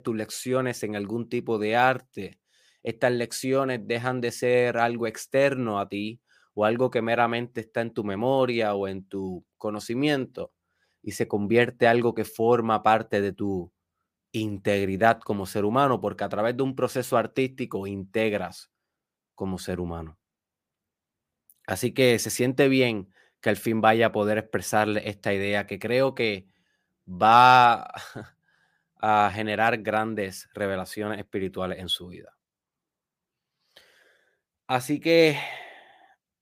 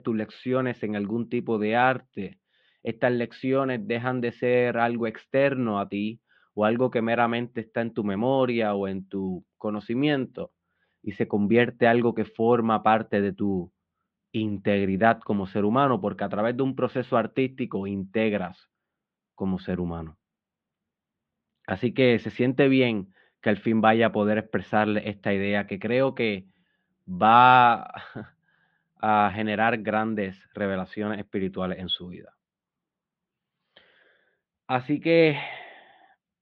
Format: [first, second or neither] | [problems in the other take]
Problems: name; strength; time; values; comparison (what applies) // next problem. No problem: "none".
first | muffled; slightly; fading above 3.5 kHz